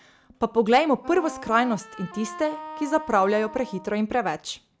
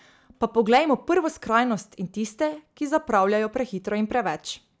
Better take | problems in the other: second | background sound (Wind instrument, woodwind instrument); 14 dB below the speech

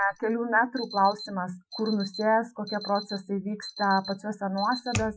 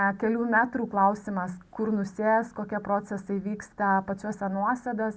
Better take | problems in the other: second | noise reduction (classical method Wiener filter)

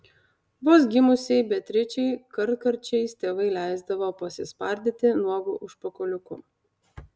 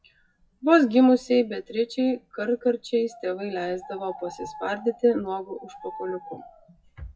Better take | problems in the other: first | noise reduction (classical method WPE with log-MMSE)

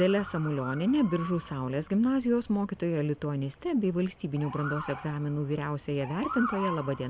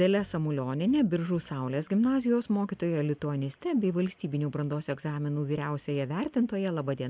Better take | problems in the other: second | background sound (Motor vehicle (road) / Siren); 13 dB below the speech

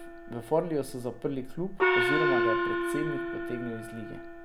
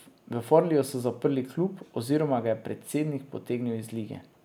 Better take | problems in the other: second | background sound (Gong); 4 dB above the speech

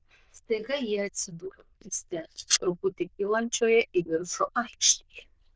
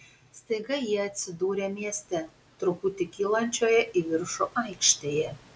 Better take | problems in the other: second | noise reduction (neural diffusion model UNIVERSE++)

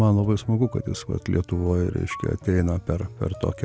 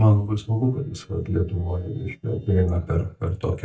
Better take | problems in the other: first | noise reduction (neural mask model DeepFilterNet 3)

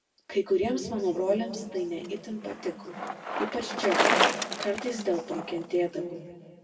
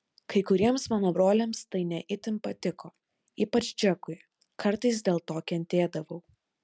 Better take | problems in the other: second | background sound (Bicycle); 2 dB below the speech // room echo; dies away in 1.9 s

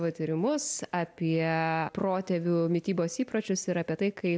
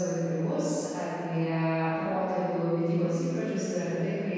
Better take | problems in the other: first | room echo; dies away in 2.2 s

